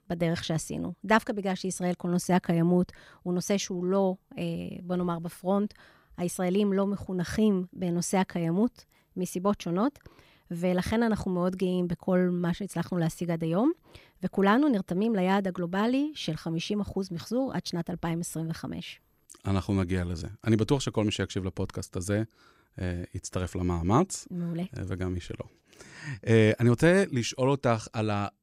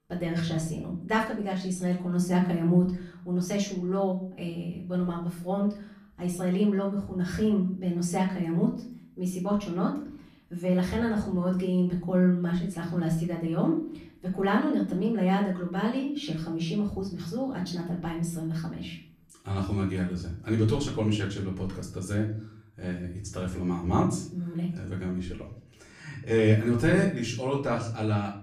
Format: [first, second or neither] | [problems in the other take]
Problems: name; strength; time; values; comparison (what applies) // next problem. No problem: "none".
first | off-mic speech; far // room echo; slight; dies away in 0.5 s